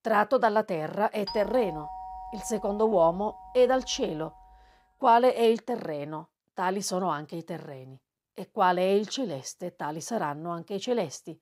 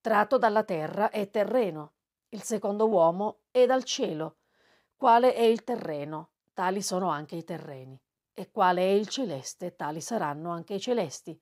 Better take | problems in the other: second | doorbell; faint; from 1.5 to 4.5 s; peak 10 dB below the speech

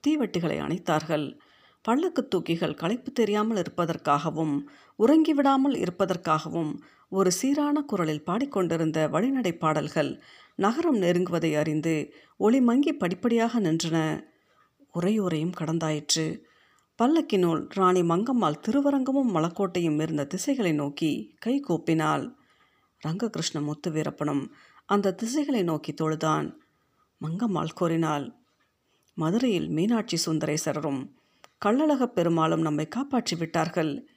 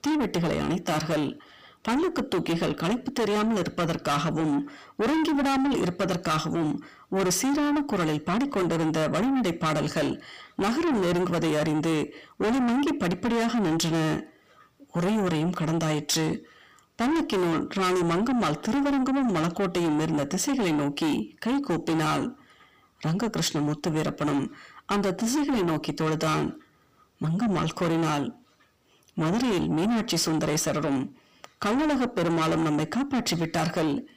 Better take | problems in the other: first | distortion; heavy; 6 dB below the speech

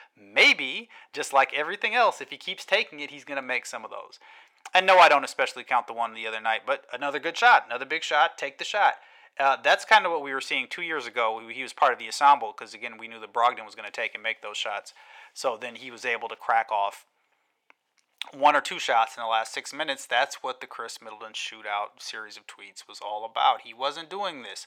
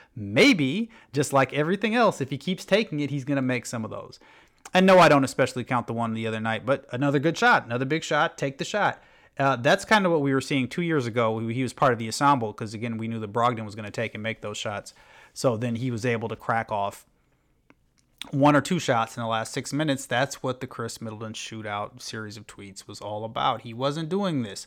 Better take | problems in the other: second | thin; very; fading below 600 Hz

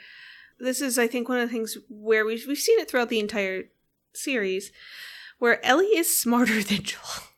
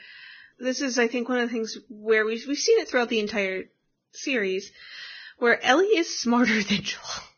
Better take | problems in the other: first | garbled, watery; badly; nothing above 6.5 kHz

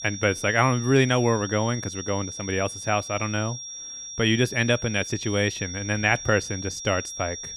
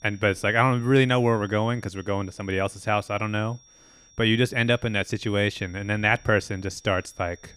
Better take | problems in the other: second | high-pitched whine; loud; throughout; 5.5 kHz, 9 dB below the speech; faint in the second

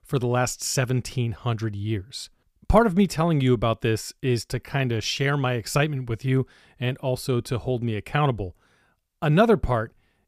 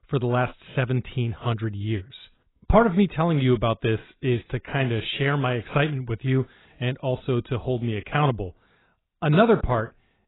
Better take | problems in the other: first | garbled, watery; badly; nothing above 4 kHz

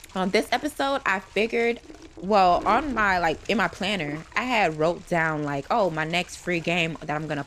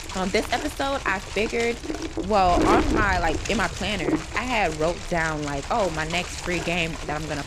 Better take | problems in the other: first | wind noise on the microphone; heavy; 7 dB below the speech; occasional gusts in the first

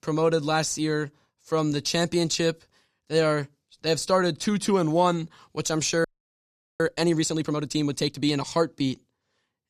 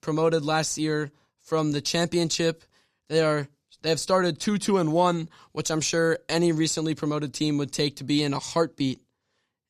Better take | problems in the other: second | audio freezing; at 6 s for 1 s

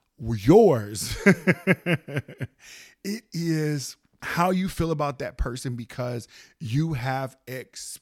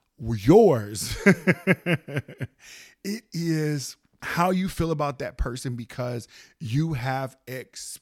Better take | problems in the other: neither | none

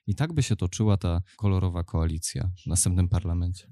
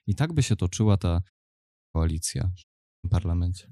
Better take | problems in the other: first | audio cutting out; at 1.5 s for 0.5 s and at 2.5 s

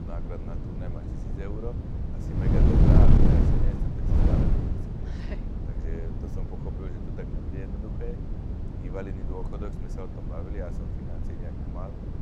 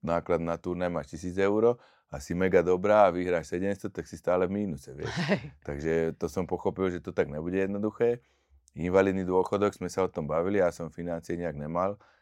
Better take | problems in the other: second | wind noise on the microphone; heavy; 5 dB above the speech

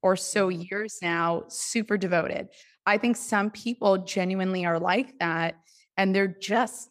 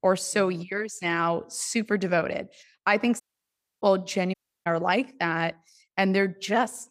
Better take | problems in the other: first | audio cutting out; at 3 s for 0.5 s and at 4.5 s

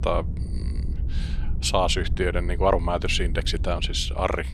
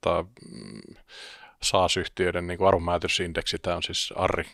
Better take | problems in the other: second | low rumble; faint; throughout; 20 dB below the speech

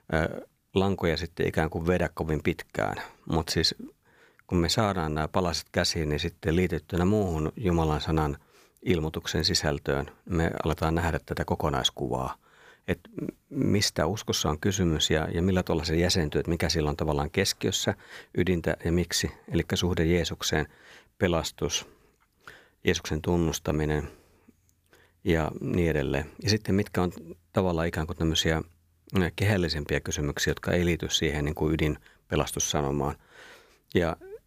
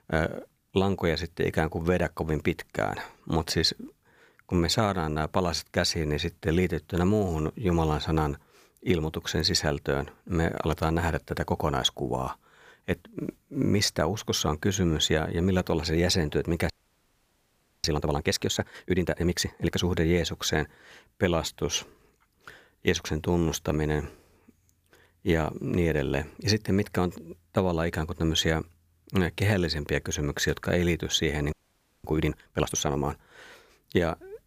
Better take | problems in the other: first | audio freezing; at 17 s for 1 s and at 32 s for 0.5 s

